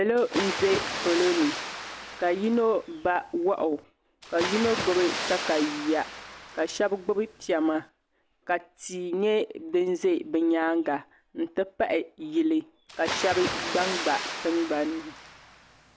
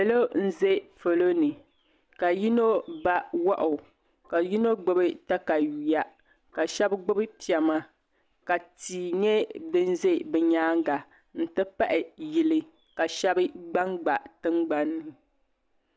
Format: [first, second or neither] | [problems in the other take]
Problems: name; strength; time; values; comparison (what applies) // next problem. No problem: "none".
second | background sound (Water); 9 dB below the speech